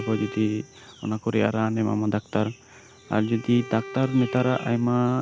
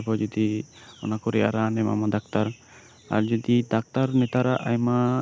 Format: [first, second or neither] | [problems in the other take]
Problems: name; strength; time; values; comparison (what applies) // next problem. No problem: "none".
second | background sound (Bowed string instrument); 16 dB below the speech